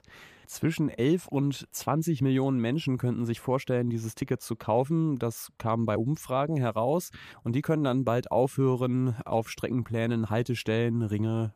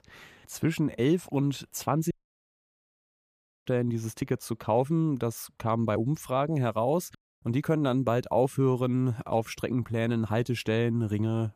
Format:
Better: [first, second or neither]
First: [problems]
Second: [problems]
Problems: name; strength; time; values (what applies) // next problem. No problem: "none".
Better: first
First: none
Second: audio cutting out; at 2 s for 1.5 s and at 7 s